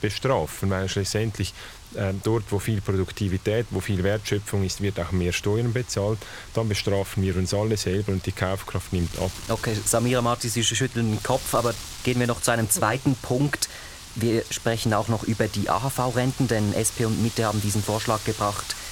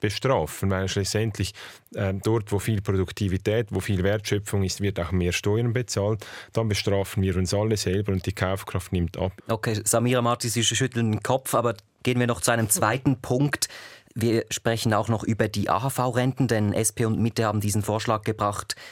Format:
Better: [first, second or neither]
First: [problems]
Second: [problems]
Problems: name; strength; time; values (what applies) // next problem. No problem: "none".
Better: second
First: wind noise on the microphone; occasional gusts; 15 dB below the speech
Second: none